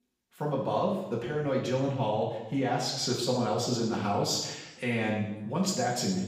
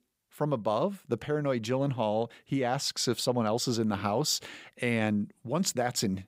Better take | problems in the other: second | room echo; noticeable; dies away in 0.9 s // off-mic speech; far

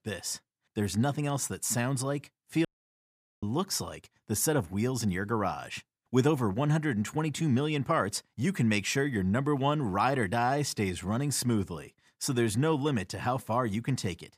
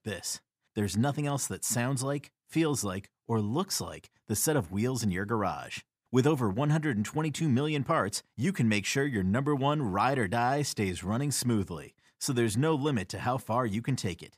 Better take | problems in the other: second | audio cutting out; at 2.5 s for 1 s

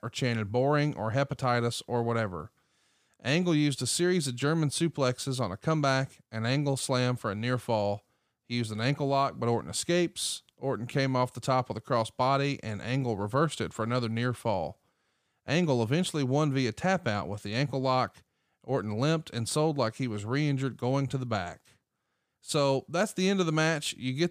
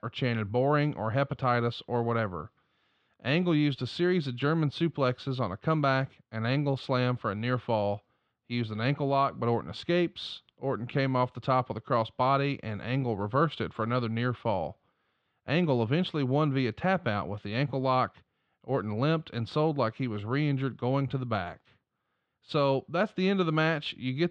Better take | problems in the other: first | muffled; slightly; fading above 3.5 kHz

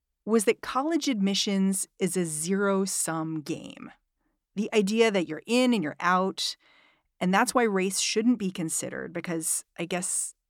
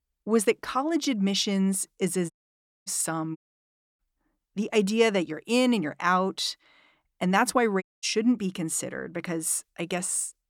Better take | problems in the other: first | audio cutting out; at 2.5 s for 0.5 s, at 3.5 s for 0.5 s and at 8 s

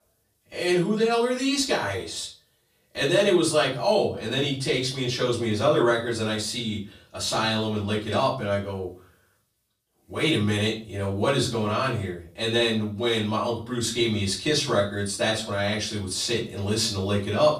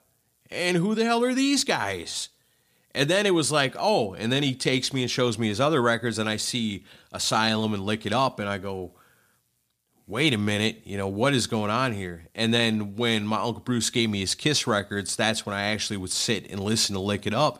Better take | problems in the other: second | off-mic speech; far // room echo; slight; dies away in 0.3 s

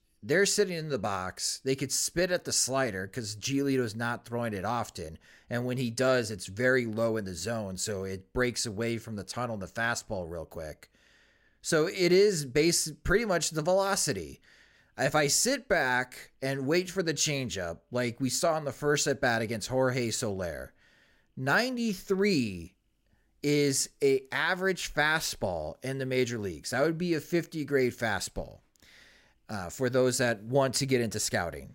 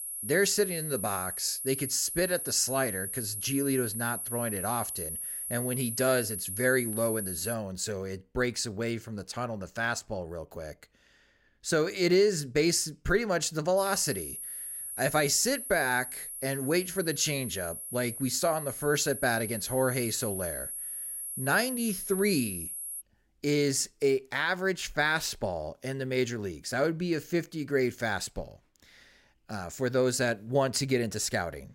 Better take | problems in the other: first | high-pitched whine; loud; until 7.5 s and from 14 to 23 s; 10.5 kHz, 5 dB below the speech

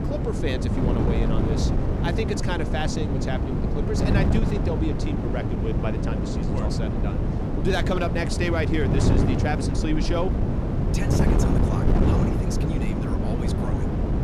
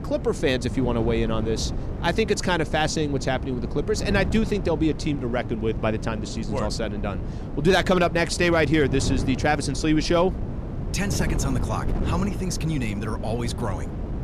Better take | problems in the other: second | wind noise on the microphone; heavy; as loud as the speech; occasional gusts in the second

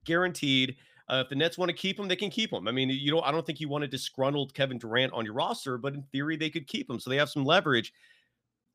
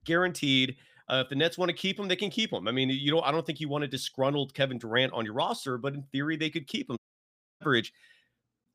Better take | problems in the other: first | audio cutting out; at 7 s for 0.5 s

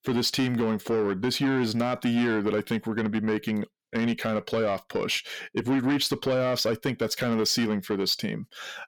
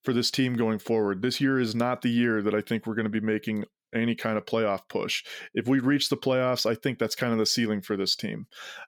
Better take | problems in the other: second | distortion; slight; 10 dB below the speech

